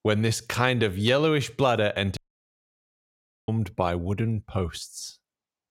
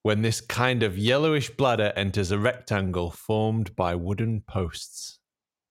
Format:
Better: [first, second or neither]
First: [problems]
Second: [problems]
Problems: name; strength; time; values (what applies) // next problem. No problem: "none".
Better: second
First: audio cutting out; at 2 s for 1.5 s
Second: none